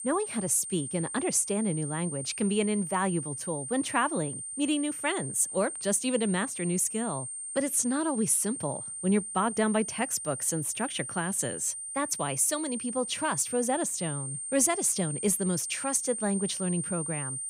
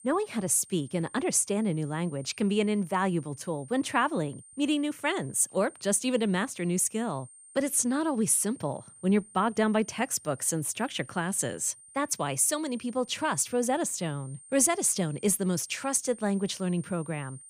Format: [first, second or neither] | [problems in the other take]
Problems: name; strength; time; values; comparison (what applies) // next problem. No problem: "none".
second | high-pitched whine; loud; throughout; 8.5 kHz, 6 dB below the speech; faint in the second